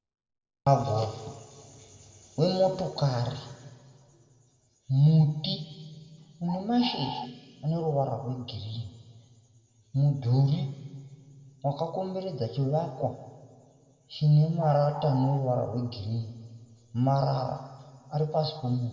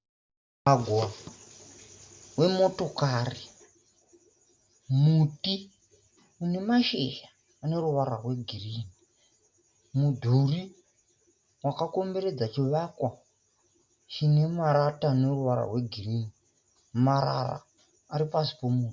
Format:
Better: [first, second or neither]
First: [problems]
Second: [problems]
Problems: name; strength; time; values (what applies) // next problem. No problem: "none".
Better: second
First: background sound (Bird); 9 dB below the speech // room echo; dies away in 1.8 s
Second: none